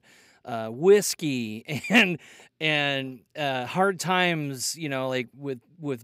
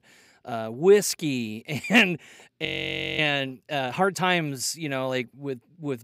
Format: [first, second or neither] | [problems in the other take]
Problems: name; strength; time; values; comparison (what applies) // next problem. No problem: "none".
first | audio freezing; at 2.5 s for 0.5 s